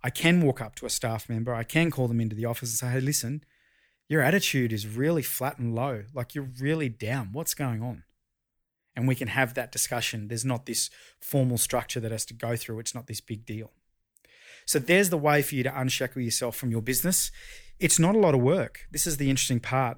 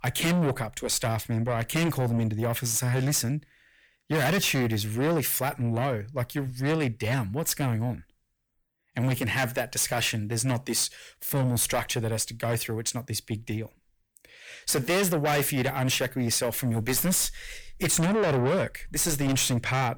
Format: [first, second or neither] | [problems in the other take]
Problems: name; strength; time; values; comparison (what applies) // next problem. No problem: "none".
first | distortion; heavy; 6 dB below the speech